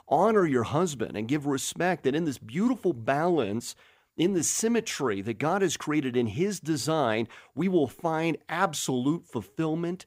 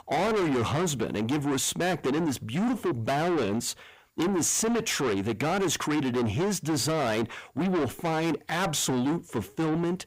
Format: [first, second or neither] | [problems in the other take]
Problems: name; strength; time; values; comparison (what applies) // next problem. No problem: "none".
first | distortion; heavy; 6 dB below the speech